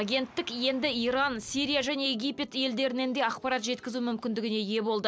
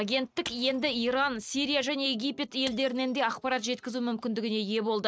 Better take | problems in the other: first | noise reduction (neural mask model RNNoise)

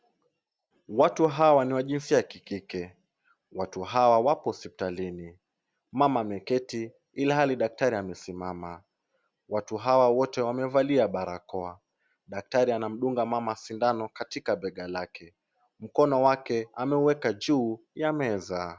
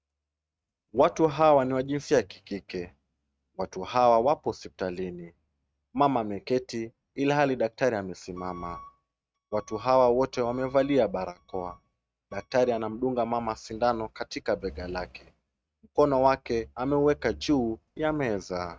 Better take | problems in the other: first | noise reduction (neural mask model RNNoise)

